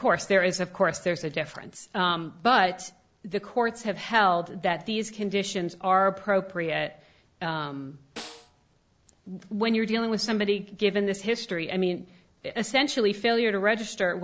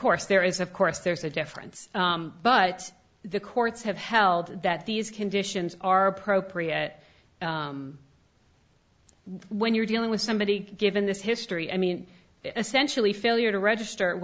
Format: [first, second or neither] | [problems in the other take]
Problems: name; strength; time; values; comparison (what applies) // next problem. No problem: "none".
second | noise reduction (neural separator model SepFormer DNS4)